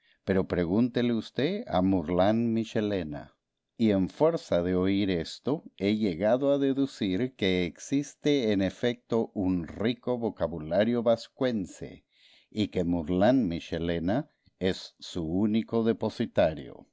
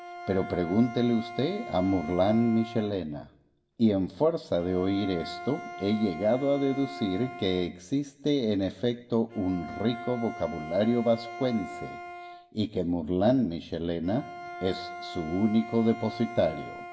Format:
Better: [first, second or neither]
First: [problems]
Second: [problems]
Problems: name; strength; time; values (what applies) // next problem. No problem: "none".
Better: first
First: none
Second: background sound (Bowed string instrument); 13 dB below the speech // room echo; dies away in 0.7 s